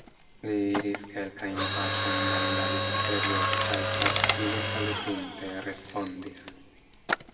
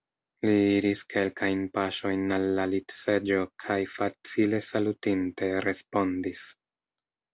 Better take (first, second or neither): second